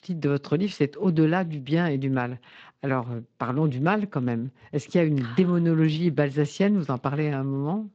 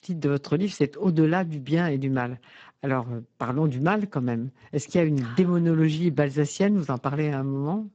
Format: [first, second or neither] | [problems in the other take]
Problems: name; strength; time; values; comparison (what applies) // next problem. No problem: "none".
first | garbled, watery; badly; nothing above 7.5 kHz; slightly in the first